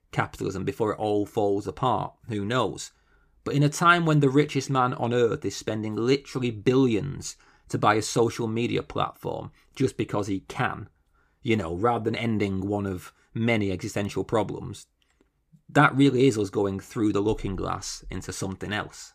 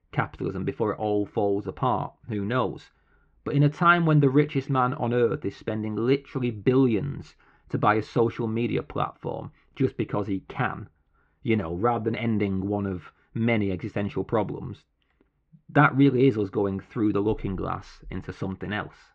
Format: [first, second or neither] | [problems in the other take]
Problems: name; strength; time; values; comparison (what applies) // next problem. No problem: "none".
first | muffled; very; fading above 3 kHz